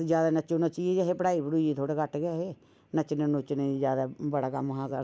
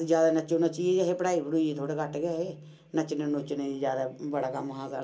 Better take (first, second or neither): first